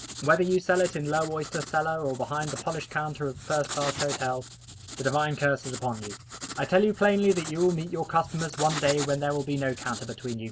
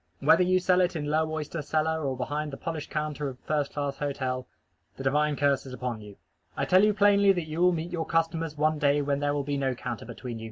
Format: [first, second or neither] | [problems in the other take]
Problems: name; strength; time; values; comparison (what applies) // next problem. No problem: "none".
second | background sound (Writing); 12 dB below the speech